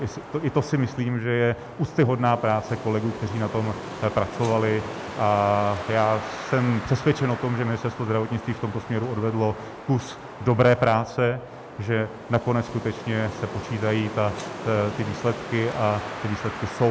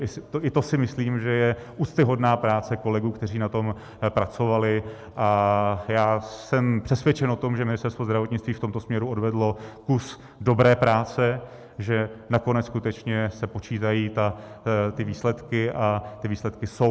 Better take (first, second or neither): second